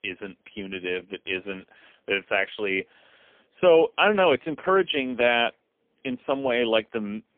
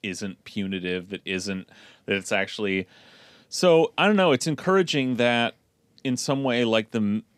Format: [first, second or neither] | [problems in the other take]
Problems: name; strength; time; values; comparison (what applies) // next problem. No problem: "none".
second | phone-call audio; poor line; nothing above 3.5 kHz